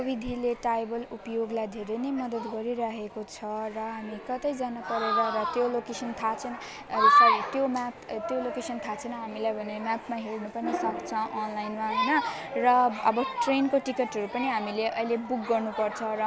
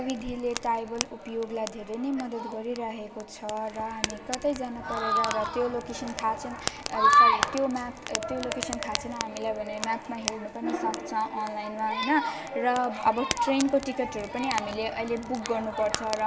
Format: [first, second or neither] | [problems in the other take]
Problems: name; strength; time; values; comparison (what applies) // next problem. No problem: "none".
first | background sound (Fire); 11 dB below the speech // room echo; dies away in 1.8 s